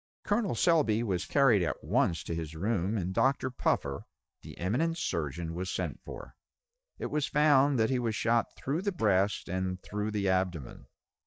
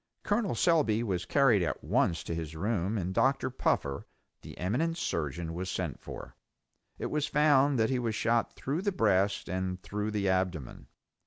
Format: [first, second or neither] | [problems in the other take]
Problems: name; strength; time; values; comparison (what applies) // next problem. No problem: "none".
second | noise reduction (neural mask model DeepFilterNet 3)